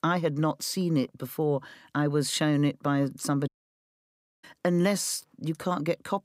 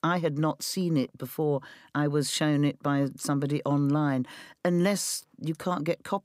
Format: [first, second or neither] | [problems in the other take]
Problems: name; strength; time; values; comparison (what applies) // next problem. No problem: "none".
second | audio cutting out; at 3.5 s for 1 s